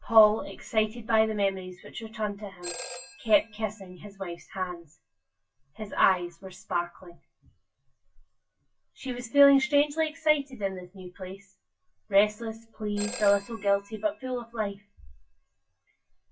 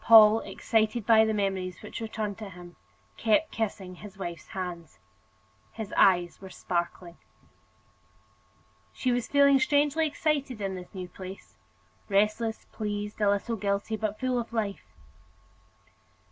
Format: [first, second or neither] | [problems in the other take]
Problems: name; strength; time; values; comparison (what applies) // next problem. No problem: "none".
second | noise reduction (classical method WPE with log-MMSE)